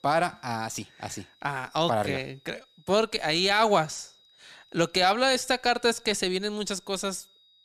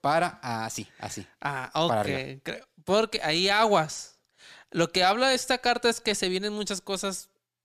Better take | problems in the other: second | high-pitched whine; faint; throughout; 4 kHz, 30 dB below the speech

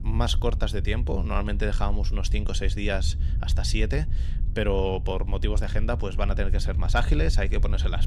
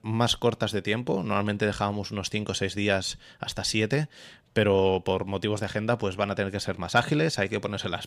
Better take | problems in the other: second | low rumble; noticeable; throughout; 15 dB below the speech

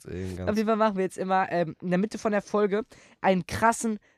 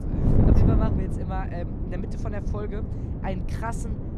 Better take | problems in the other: first | wind noise on the microphone; heavy; 1 dB above the speech

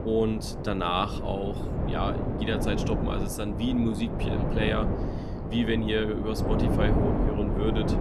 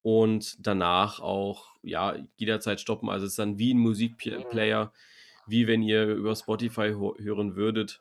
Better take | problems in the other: second | wind noise on the microphone; heavy; 3 dB below the speech

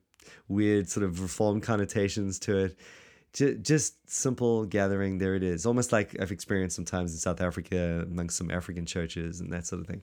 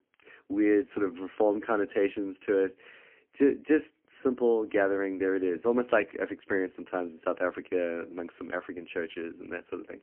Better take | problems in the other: first | phone-call audio; poor line; nothing above 3 kHz

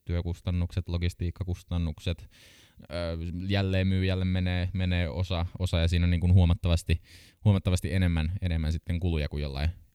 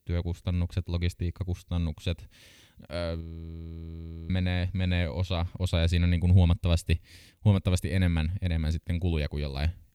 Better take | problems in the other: first | audio freezing; at 3 s for 1 s

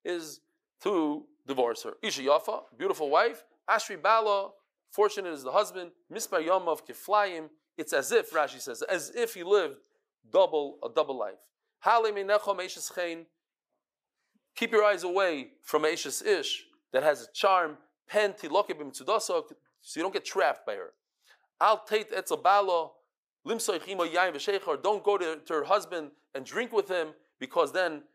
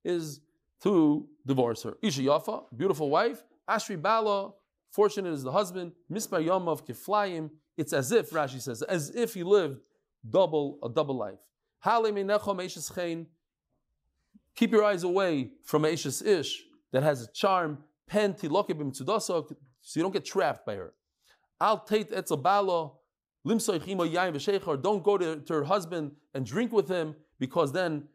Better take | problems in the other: second | thin; somewhat; fading below 500 Hz

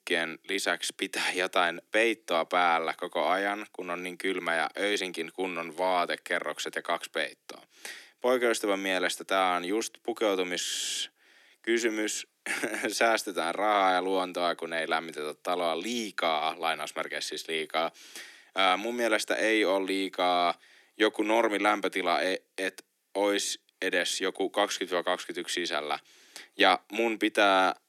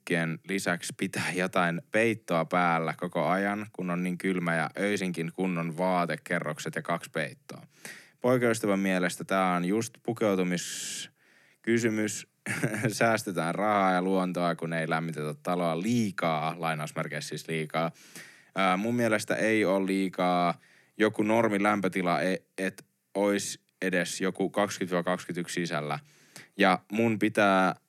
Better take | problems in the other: second | thin; somewhat; fading below 300 Hz

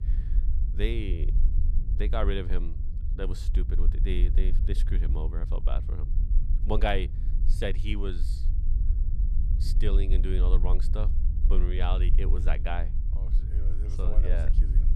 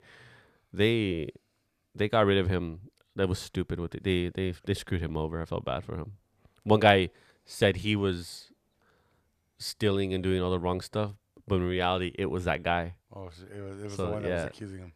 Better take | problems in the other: second | low rumble; noticeable; throughout; 10 dB below the speech

